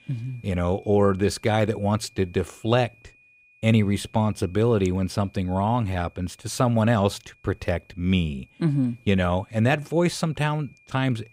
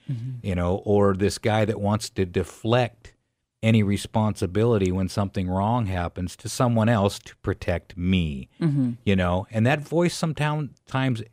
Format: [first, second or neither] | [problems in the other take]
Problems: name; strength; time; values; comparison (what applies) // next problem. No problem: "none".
second | high-pitched whine; faint; throughout; 2.5 kHz, 30 dB below the speech